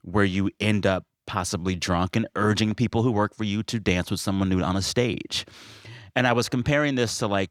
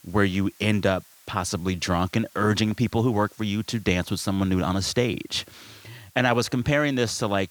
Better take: first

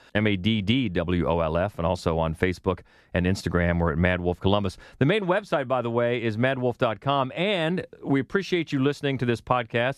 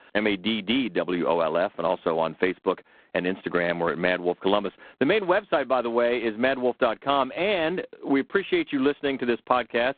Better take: first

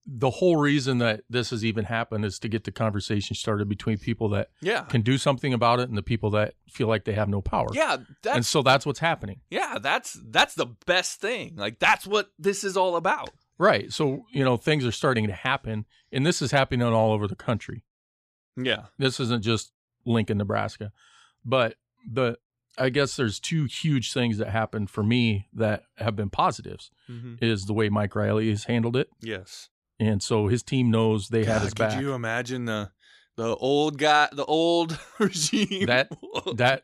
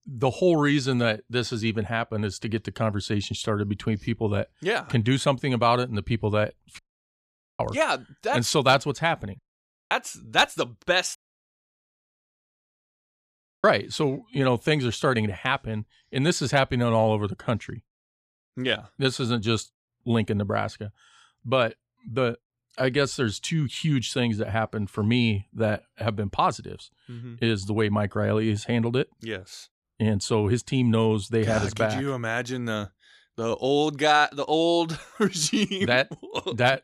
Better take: first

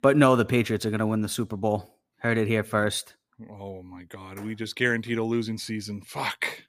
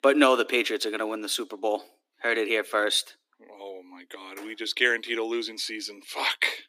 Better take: first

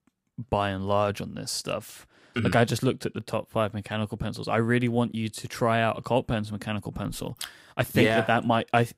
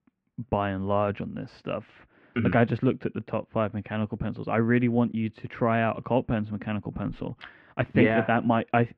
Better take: first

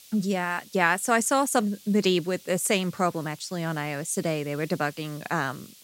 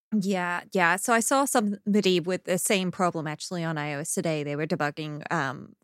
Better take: second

